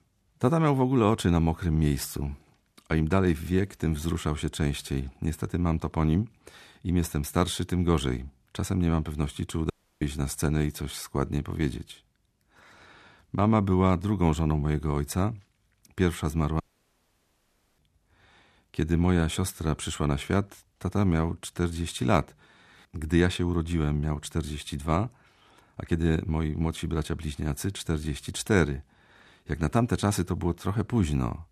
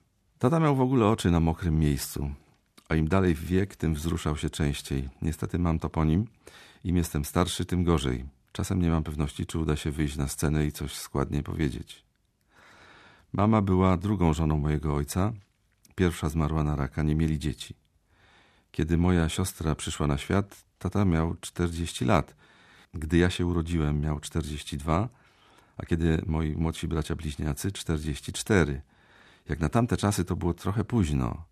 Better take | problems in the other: second | audio cutting out; at 9.5 s and at 17 s for 1 s

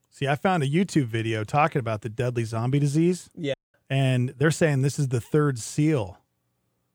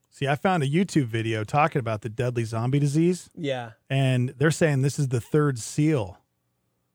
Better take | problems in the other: second | audio cutting out; at 3.5 s

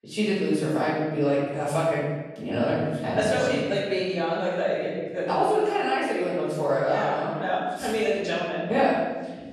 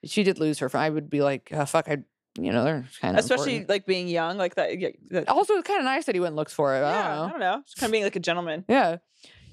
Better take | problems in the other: second | off-mic speech; far // room echo; strong; dies away in 1.3 s

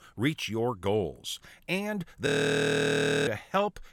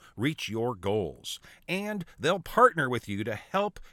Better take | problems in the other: second | audio freezing; at 2.5 s for 1 s

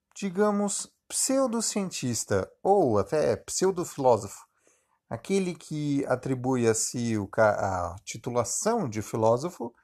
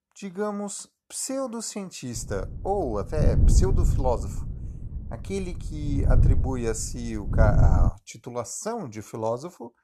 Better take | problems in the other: first | wind noise on the microphone; heavy; from 2 to 8 s; 7 dB below the speech

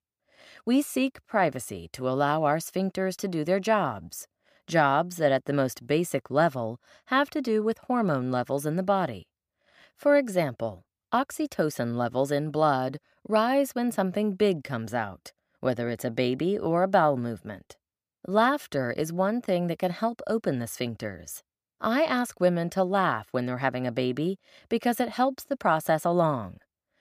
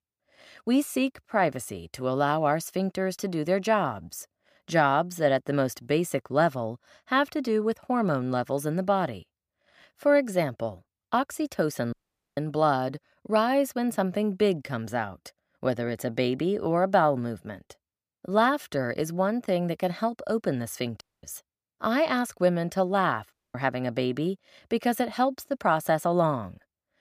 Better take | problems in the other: first | audio cutting out; at 12 s, at 21 s and at 23 s

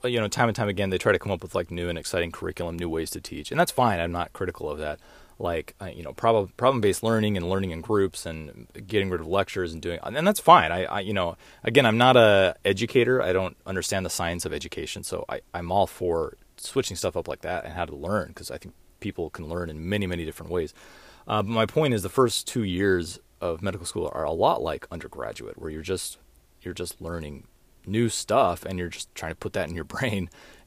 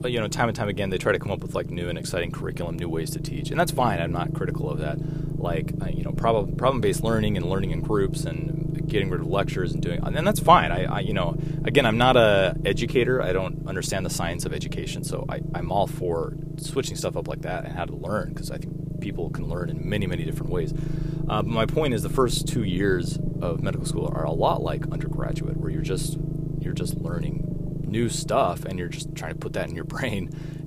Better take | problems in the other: first | low rumble; noticeable; throughout; 15 dB below the speech

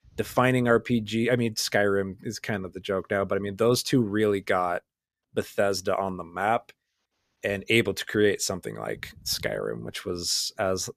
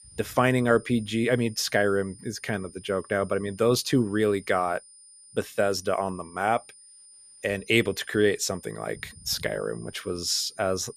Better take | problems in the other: first | high-pitched whine; faint; throughout; 9 kHz, 20 dB below the speech

